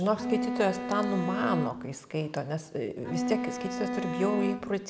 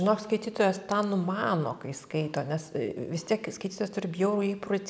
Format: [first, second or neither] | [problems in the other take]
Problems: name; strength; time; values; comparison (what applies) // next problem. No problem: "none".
second | background sound (Bowed string instrument); 1 dB below the speech